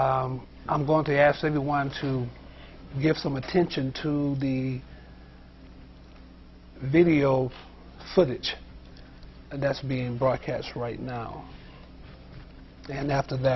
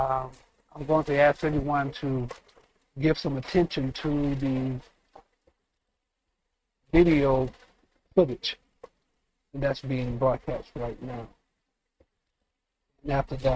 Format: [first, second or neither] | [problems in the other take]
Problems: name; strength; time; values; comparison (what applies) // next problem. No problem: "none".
first | noise reduction (neural mask model RNNoise)